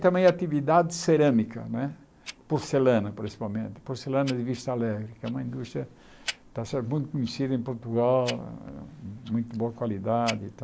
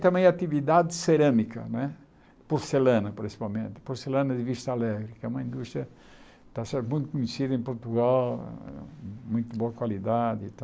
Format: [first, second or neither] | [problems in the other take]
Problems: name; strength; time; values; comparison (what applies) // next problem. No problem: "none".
second | background sound (Tick-tock); 19 dB below the speech